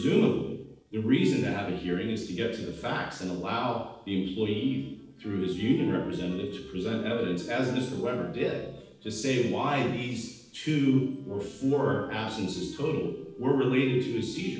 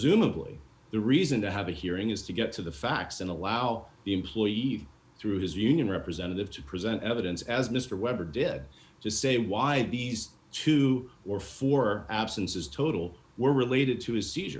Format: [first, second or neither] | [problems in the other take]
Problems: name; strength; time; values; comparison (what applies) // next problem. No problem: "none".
second | noise reduction (neural separator model SepFormer DNS4)